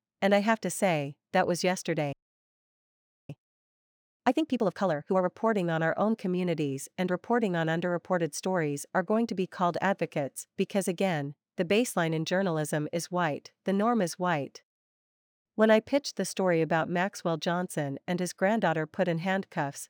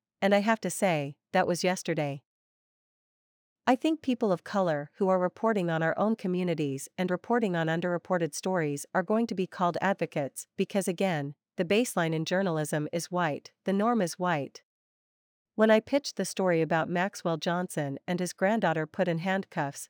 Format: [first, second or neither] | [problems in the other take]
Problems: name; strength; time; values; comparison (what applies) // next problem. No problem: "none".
second | audio freezing; at 2 s for 1 s